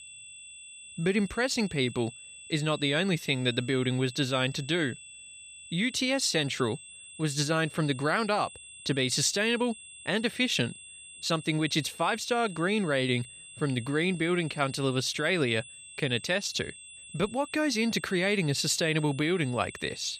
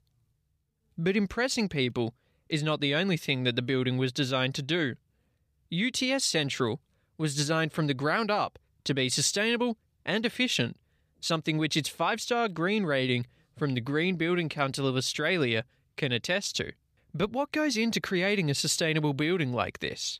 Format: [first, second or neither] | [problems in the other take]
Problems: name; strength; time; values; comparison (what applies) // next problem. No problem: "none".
second | high-pitched whine; noticeable; throughout; 8 kHz, 15 dB below the speech